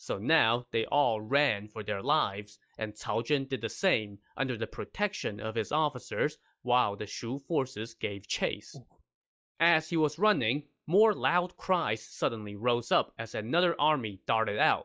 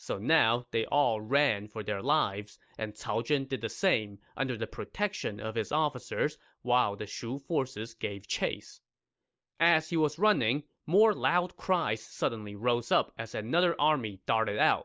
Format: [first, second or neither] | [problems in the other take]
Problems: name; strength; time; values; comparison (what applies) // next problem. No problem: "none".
second | noise reduction (classical method log-MMSE)